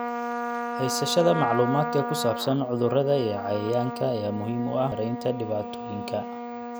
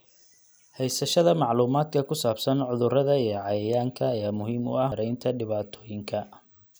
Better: second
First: background sound (Trumpet); 6 dB below the speech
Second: none

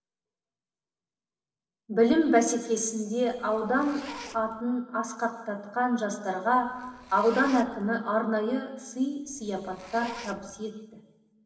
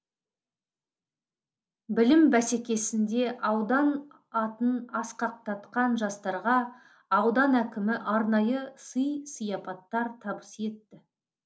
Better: second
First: background sound (Zipper (clothing)); 16 dB below the speech // room echo; dies away in 1.2 s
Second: none

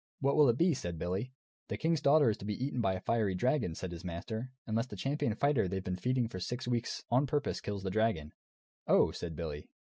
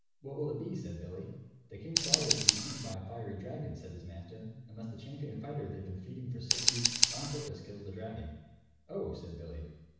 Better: first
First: none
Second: background sound (Scissors); 3 dB above the speech // room echo; dies away in 1.1 s

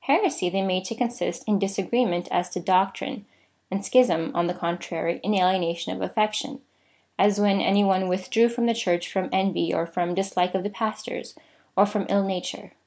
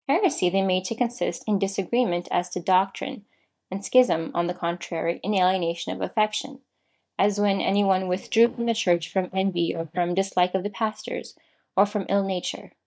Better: first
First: none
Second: noise reduction (neural mask model DeepFilterNet 3)

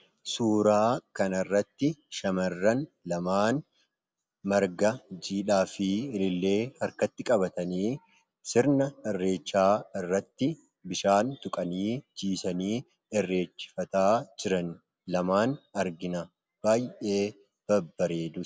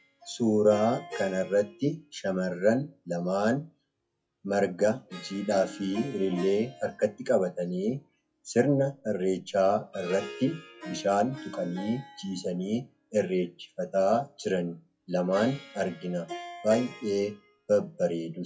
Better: first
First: none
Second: noise reduction (classical method WPE with log-MMSE)

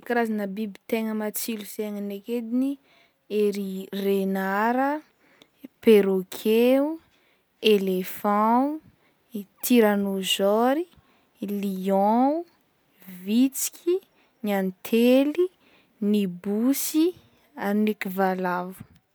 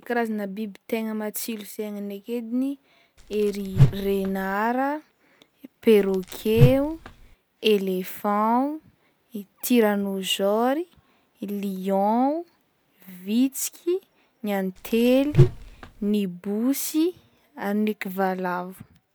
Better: first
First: none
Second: background sound (Whoosh, swoosh, swish); 2 dB above the speech

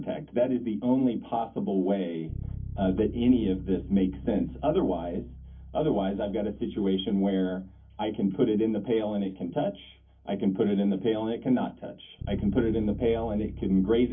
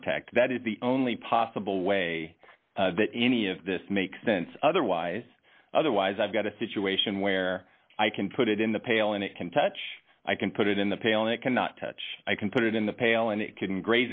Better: second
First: background sound (Bass guitar); 14 dB below the speech // room echo; dies away in 0.3 s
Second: none

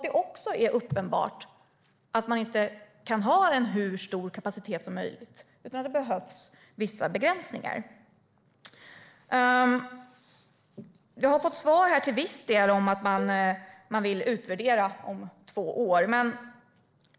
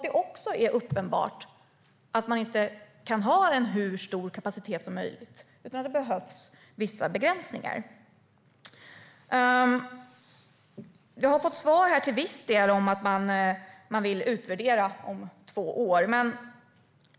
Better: second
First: noise reduction (neural separator model SepFormer DNS4)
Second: none

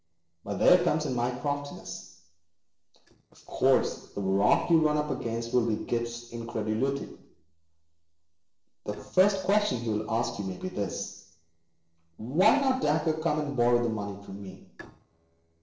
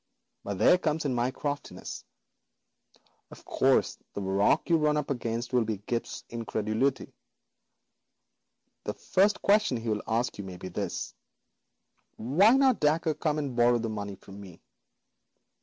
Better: second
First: noise reduction (neural separator model SepFormer DNS4)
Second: none

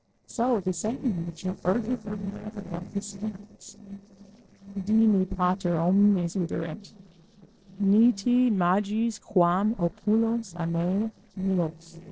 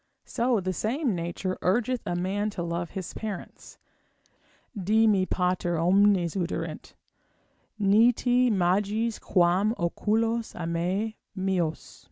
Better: second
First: noise reduction (neural separator model SepFormer DNS4)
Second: none

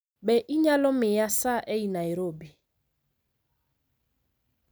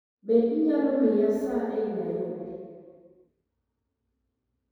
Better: first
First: none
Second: room echo; dies away in 2.2 s

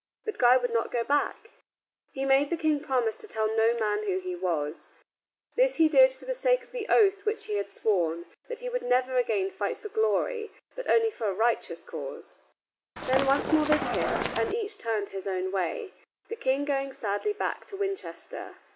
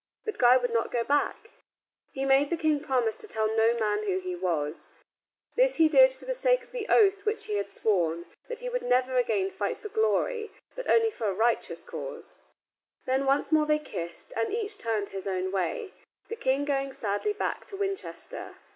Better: second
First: background sound (Run); 3 dB below the speech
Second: none

